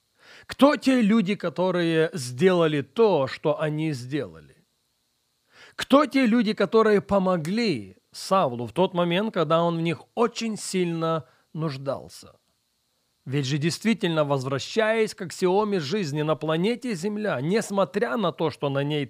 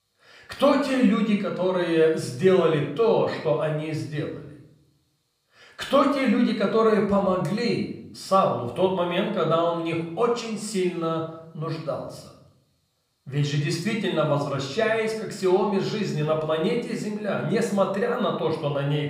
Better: first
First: none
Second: room echo; noticeable; dies away in 0.6 s // off-mic speech; somewhat distant

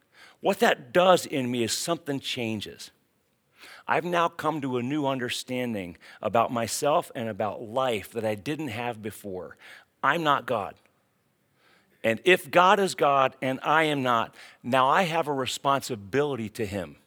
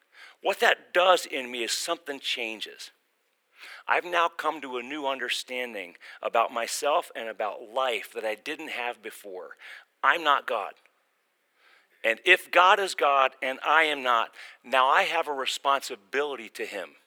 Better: first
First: none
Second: thin; somewhat; fading below 350 Hz

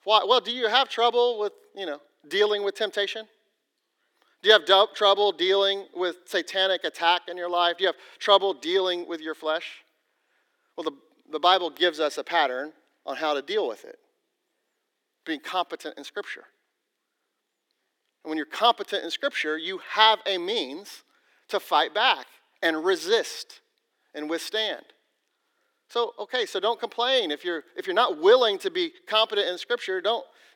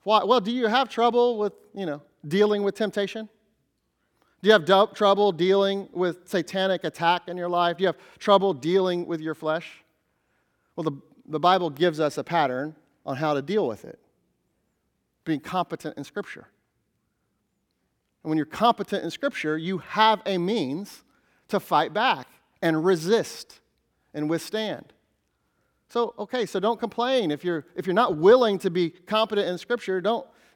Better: second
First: thin; somewhat; fading below 350 Hz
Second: none

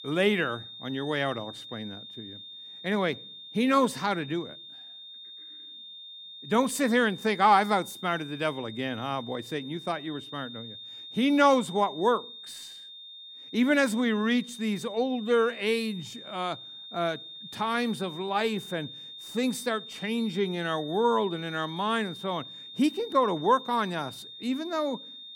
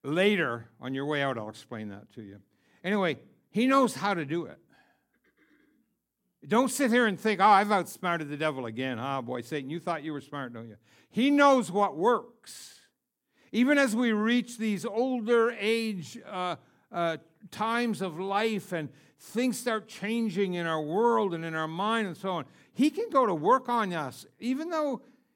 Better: second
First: high-pitched whine; noticeable; throughout; 3.5 kHz, 15 dB below the speech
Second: none

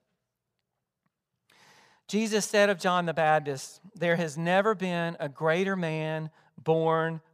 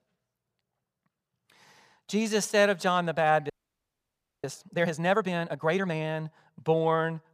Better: first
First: none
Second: audio freezing; at 3.5 s for 1 s

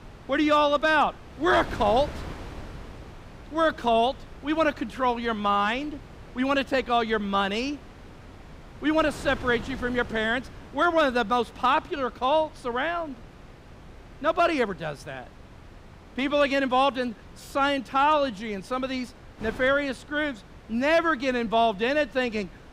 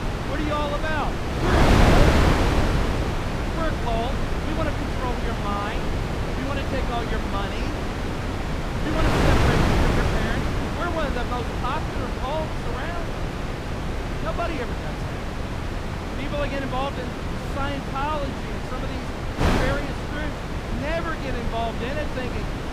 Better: first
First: wind noise on the microphone; occasional gusts; 25 dB below the speech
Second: wind noise on the microphone; heavy; 2 dB above the speech

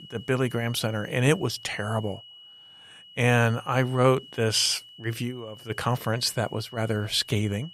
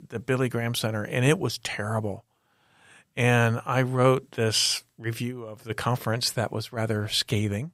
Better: second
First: high-pitched whine; noticeable; throughout; 3 kHz, 20 dB below the speech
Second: none

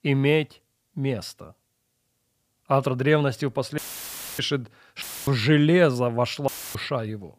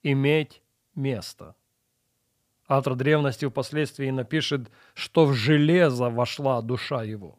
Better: second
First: audio cutting out; filled with static; at 4 s for 0.5 s, at 5 s and at 6.5 s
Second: none

